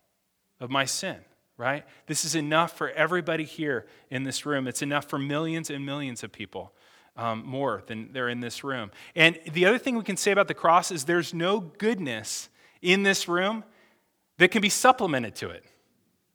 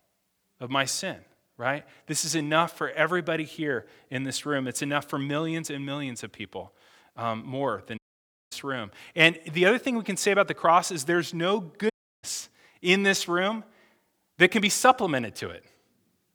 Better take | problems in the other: first | audio cutting out; at 8 s for 0.5 s and at 12 s

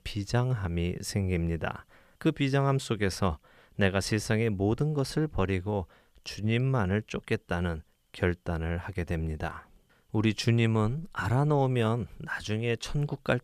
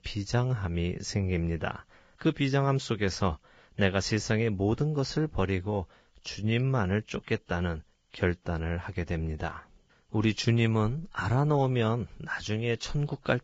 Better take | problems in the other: first | garbled, watery; badly; nothing above 7.5 kHz

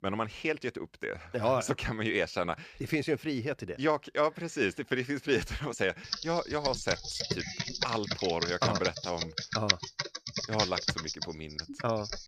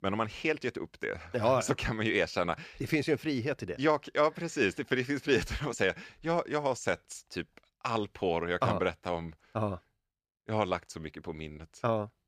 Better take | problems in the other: second | keyboard typing; loud; from 6 s on; peak 4 dB above the speech

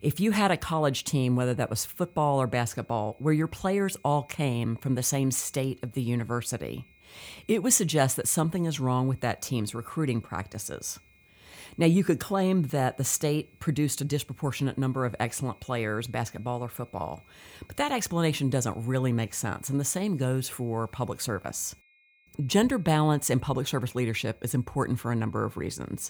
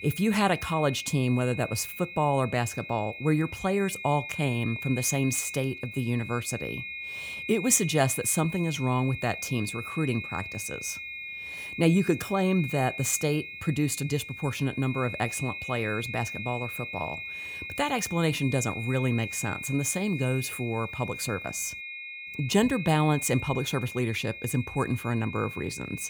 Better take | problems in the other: first | high-pitched whine; loud; throughout; 2.5 kHz, 8 dB below the speech; faint in the first

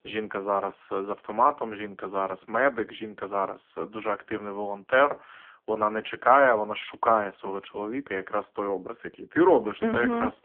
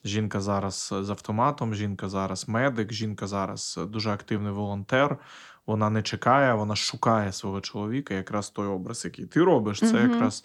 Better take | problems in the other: second | phone-call audio; poor line

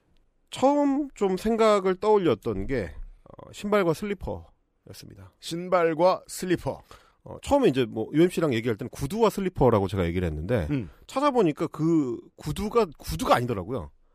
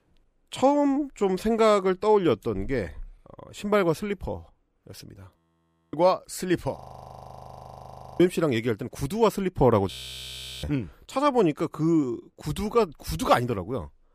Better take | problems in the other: first | audio freezing; at 5.5 s for 0.5 s, at 7 s for 1.5 s and at 10 s for 0.5 s

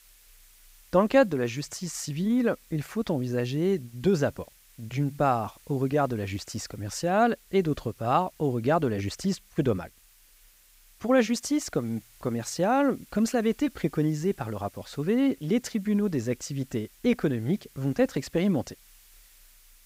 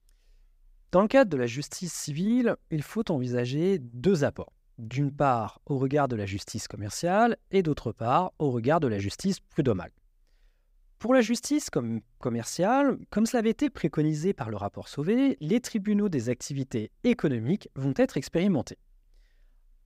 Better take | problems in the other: second | hiss; faint; throughout; 25 dB below the speech

